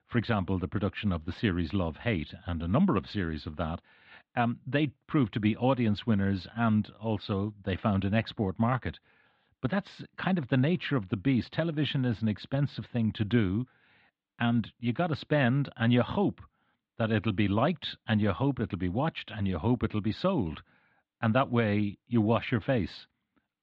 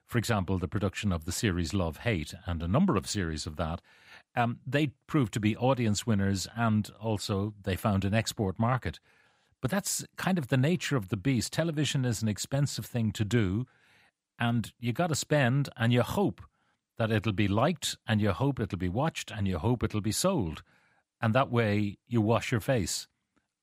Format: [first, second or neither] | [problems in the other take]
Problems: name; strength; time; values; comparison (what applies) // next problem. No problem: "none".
second | muffled; slightly; fading above 3.5 kHz